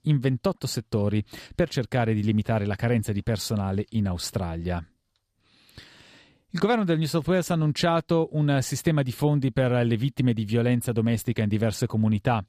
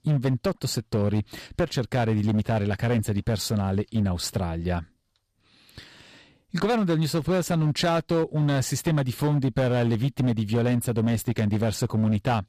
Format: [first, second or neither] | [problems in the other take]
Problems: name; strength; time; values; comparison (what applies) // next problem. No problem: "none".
first | distortion; slight; 9% of the sound clipped